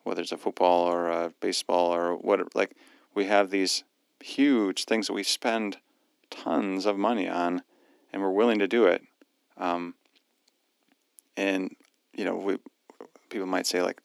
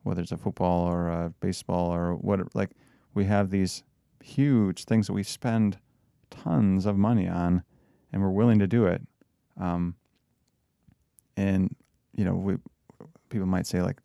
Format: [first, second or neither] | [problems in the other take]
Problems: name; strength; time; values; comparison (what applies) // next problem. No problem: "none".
second | thin; somewhat; fading below 300 Hz